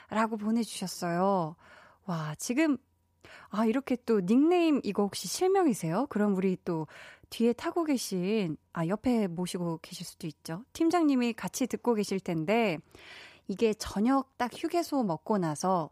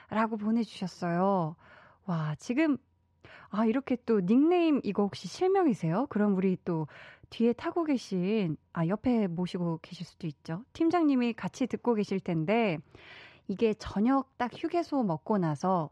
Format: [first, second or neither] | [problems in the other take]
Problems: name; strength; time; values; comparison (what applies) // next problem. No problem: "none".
first | muffled; very slightly; fading above 3.5 kHz